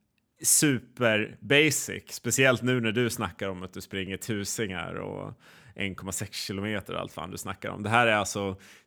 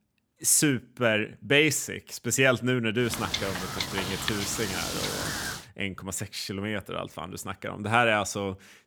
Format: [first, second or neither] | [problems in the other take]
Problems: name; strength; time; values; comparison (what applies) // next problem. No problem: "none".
first | wind noise on the microphone; heavy; from 3 to 5.5 s; 4 dB below the speech